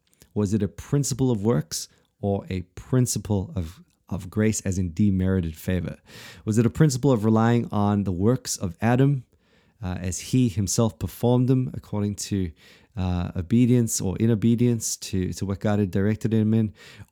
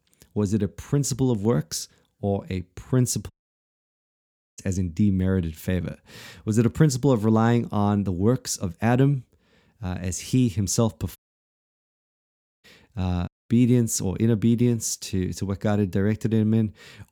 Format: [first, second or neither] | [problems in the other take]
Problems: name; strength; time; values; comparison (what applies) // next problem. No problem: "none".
first | audio cutting out; at 3.5 s for 1.5 s, at 11 s for 1.5 s and at 13 s